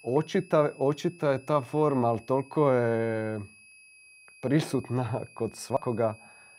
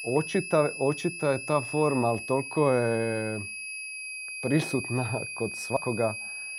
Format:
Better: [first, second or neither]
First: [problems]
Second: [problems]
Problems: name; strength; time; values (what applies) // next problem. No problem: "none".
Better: first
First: high-pitched whine; faint; throughout; 2.5 kHz, 25 dB below the speech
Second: high-pitched whine; loud; throughout; 2.5 kHz, 7 dB below the speech